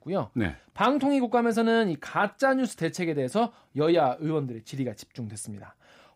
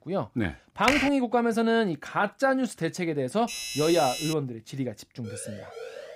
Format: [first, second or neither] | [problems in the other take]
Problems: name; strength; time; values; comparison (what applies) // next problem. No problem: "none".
first | keyboard typing; loud; at 1 s; peak 1 dB above the speech // doorbell; noticeable; at 3.5 s; peak 4 dB below the speech // siren; faint; at 5 s; peak 15 dB below the speech